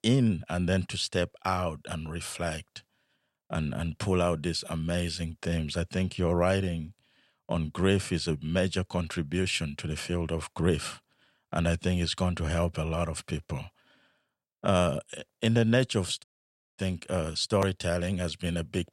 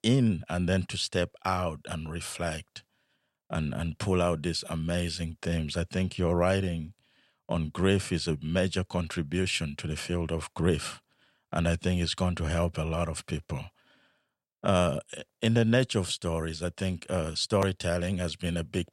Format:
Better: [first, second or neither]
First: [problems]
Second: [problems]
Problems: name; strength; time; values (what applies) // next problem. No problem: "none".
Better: second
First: audio cutting out; at 16 s for 0.5 s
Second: none